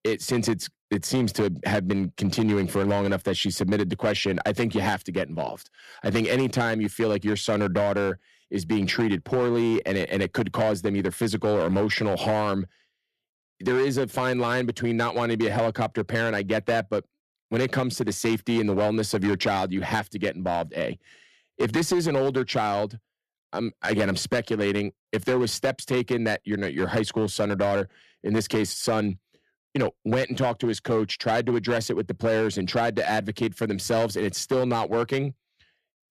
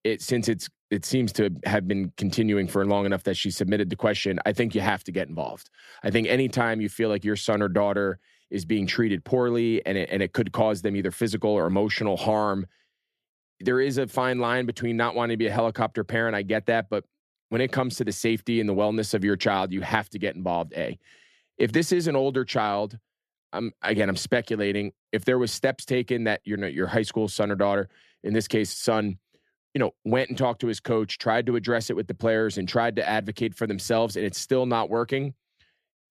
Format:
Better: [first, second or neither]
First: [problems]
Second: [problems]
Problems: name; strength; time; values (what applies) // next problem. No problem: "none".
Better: second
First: distortion; slight; 8% of the sound clipped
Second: none